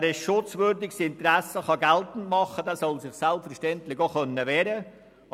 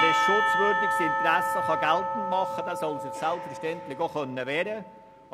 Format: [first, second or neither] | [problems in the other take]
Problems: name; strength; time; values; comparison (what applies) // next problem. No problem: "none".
first | background sound (Church bell / Percussion); 2 dB above the speech